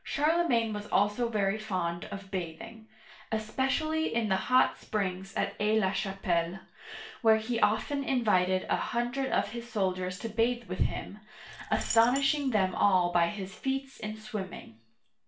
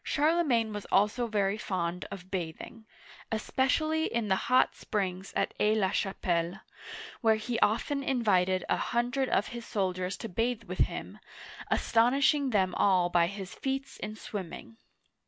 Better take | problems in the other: second | background sound (Coin (dropping)); 12 dB below the speech // room echo; dies away in 0.3 s

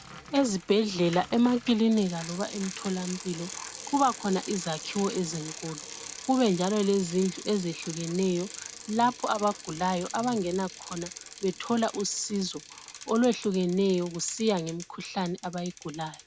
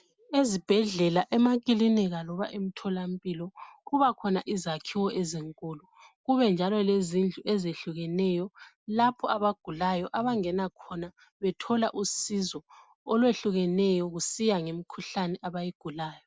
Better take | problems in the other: second | background sound (Bicycle); 14 dB below the speech

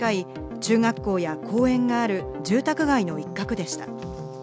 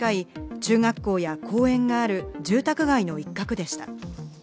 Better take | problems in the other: second | background sound (Brass instrument); 13 dB below the speech

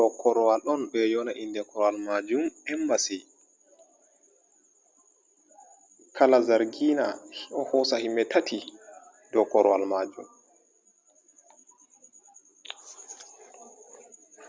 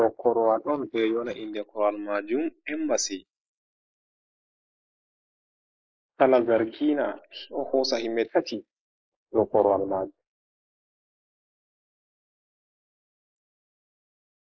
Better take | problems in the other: first | noise reduction (neural mask model Resemble Enhance denoiser)

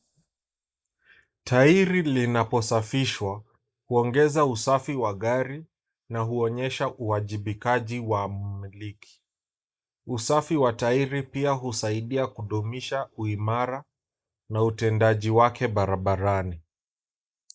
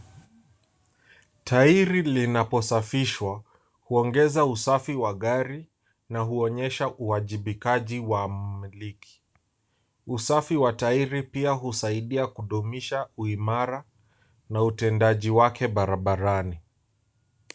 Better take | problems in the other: second | noise reduction (neural mask model Resemble Enhance denoiser)

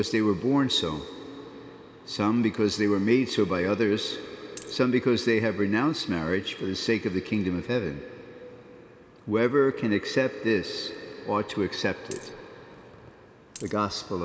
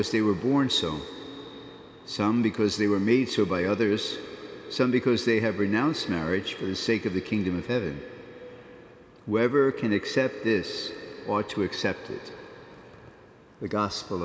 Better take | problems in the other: second | noise reduction (neural mask model Resemble Enhance denoiser)

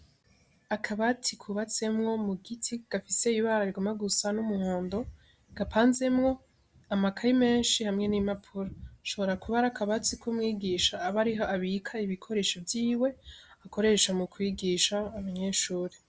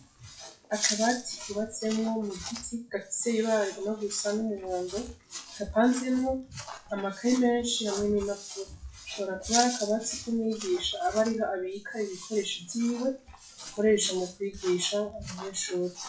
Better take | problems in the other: first | noise reduction (classical method WPE with log-MMSE)

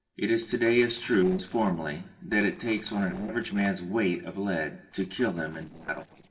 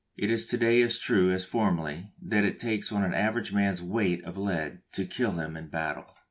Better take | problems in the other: second | noise reduction (neural separator model SepFormer DNS4)

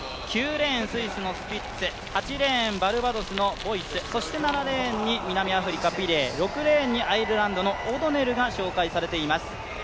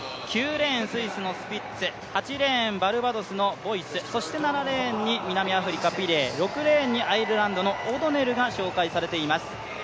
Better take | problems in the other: second | background sound (Bicycle); 14 dB below the speech

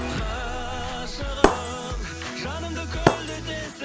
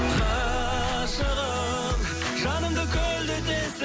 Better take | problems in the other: second | background sound (Shatter); 1 dB above the speech

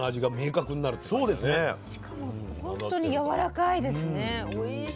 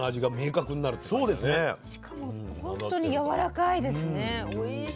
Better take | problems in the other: second | background sound (Engine); 19 dB below the speech

